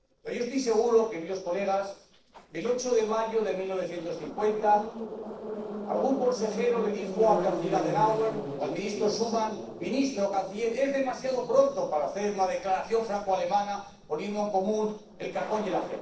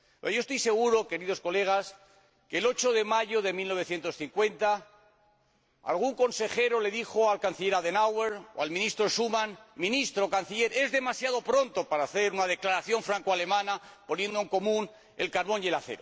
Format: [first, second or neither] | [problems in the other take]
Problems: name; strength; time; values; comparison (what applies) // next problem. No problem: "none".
second | noise reduction (neural separator model SepFormer DNS4)